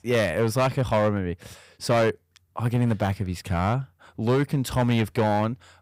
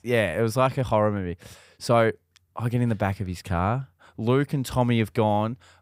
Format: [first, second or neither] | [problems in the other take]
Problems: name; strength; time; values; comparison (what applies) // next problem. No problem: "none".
second | distortion; slight; 7% of the sound clipped